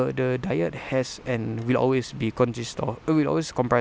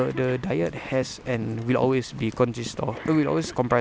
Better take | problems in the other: first | background sound (Run + Cough); 17 dB below the speech

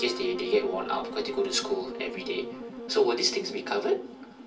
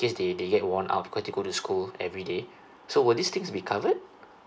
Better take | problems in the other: second | background sound (Wind instrument, woodwind instrument); 10 dB below the speech // room echo; dies away in 0.3 s

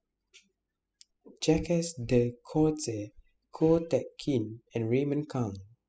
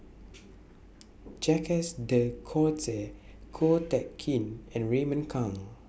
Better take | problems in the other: second | noise reduction (classical method spectral subtraction)

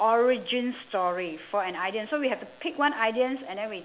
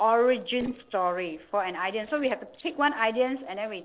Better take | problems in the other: first | noise reduction (neural separator model SepFormer DNS4)

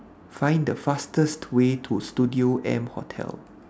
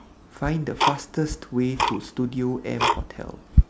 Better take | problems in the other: first | background sound (Tick-tock); 2 dB above the speech

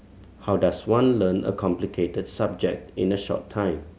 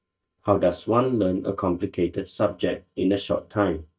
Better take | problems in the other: first | noise reduction (neural mask model DeepFilterNet 3)

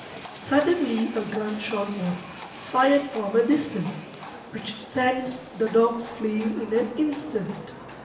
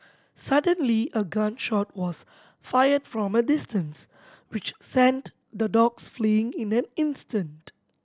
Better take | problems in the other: second | background sound (Livestock, farm animals, working animals); 14 dB below the speech // room echo; dies away in 0.8 s

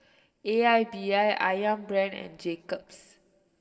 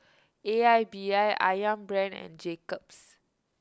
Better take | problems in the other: second | room echo; dies away in 1.6 s

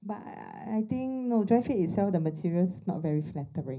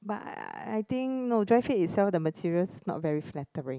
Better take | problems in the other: second | room echo; dies away in 0.5 s

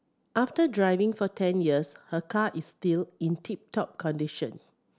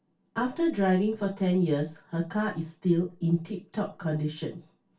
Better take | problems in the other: first | room echo; dies away in 0.2 s

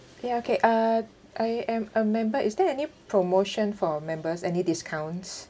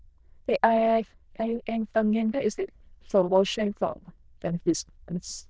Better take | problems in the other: first | noise reduction (neural diffusion model UNIVERSE++)

